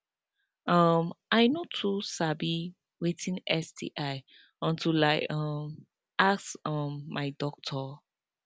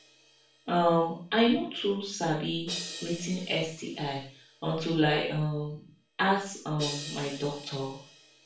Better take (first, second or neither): first